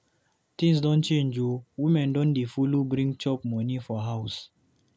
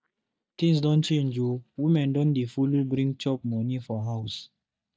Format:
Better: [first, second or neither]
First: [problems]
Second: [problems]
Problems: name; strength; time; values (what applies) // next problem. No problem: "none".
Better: first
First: none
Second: noise reduction (neural mask model DeepFilterNet 3)